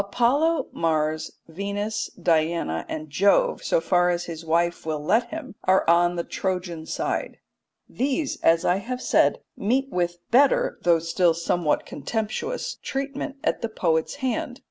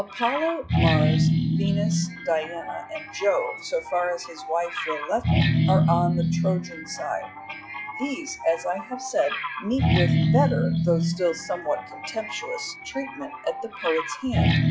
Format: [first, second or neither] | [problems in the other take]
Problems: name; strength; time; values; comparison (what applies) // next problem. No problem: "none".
first | noise reduction (classical method log-MMSE)